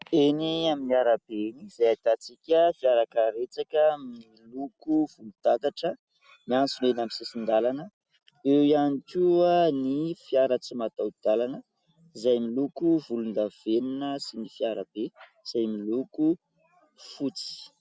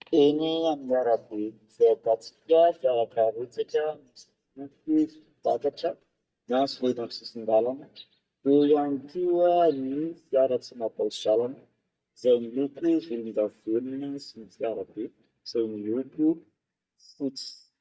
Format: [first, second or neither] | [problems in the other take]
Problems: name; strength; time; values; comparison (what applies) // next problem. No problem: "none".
first | noise reduction (neural mask model DeepFilterNet 3)